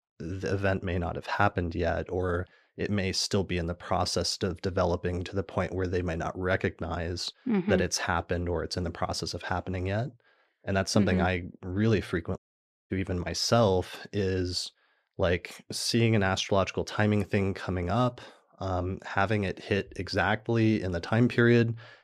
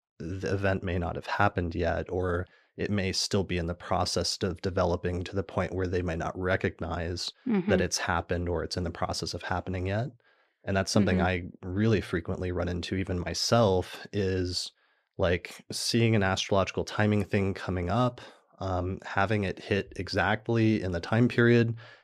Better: second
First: audio cutting out; at 12 s for 0.5 s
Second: none

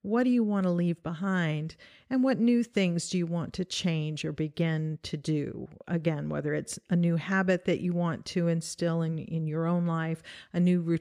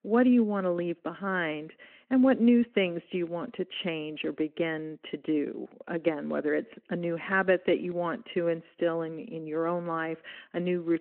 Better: first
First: none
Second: phone-call audio

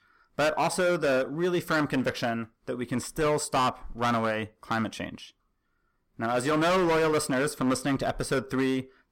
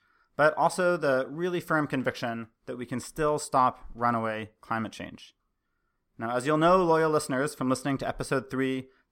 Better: second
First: distortion; heavy; 12% of the sound clipped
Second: none

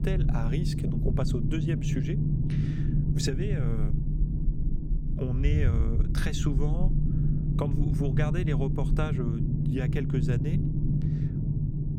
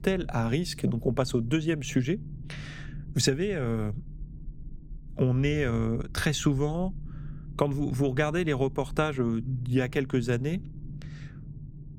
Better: second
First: low rumble; loud; throughout; 2 dB below the speech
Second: low rumble; faint; throughout; 20 dB below the speech

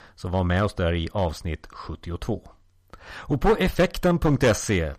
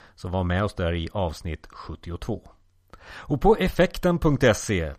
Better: second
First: distortion; slight; 4% of the sound clipped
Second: none

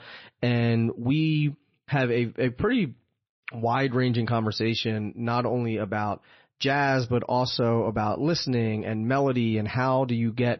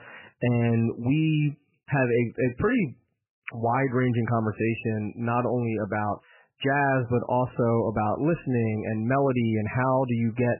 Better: first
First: garbled, watery; slightly; nothing above 6 kHz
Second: garbled, watery; badly; nothing above 3 kHz

